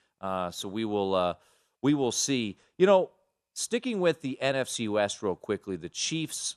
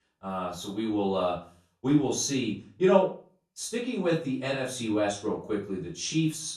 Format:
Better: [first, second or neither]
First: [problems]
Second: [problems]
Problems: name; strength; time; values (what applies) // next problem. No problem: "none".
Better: first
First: none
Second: off-mic speech; far // room echo; slight; dies away in 0.3 s